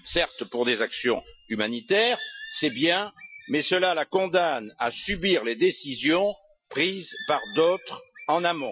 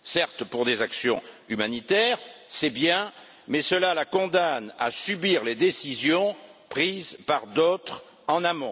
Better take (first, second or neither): second